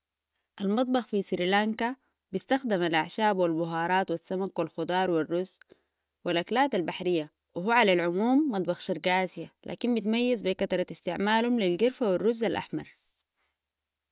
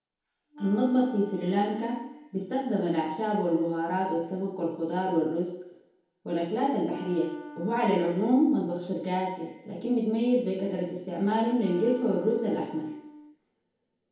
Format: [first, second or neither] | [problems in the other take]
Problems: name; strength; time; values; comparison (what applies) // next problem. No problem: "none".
first | background sound (Wind instrument, woodwind instrument); 17 dB below the speech // room echo; dies away in 2 s